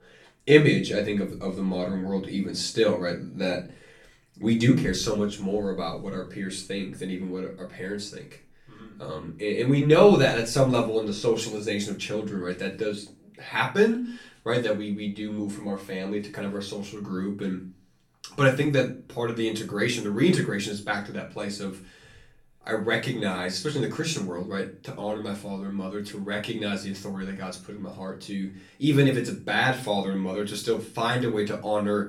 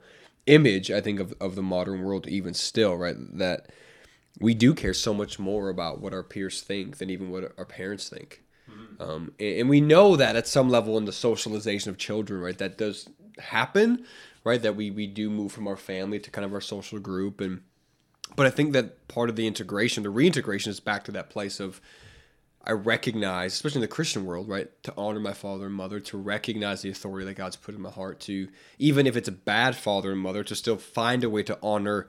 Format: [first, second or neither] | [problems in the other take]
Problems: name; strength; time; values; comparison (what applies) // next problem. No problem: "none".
second | room echo; slight; dies away in 0.3 s // off-mic speech; far